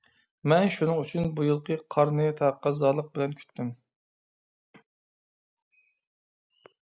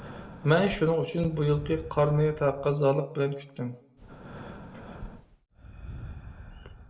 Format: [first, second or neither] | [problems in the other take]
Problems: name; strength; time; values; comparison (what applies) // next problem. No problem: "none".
first | background sound (Breathing); 15 dB below the speech // room echo; dies away in 0.6 s